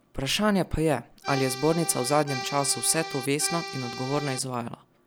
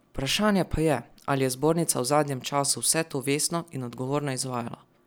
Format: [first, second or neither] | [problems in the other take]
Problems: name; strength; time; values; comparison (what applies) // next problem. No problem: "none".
second | background sound (Accordion); 8 dB below the speech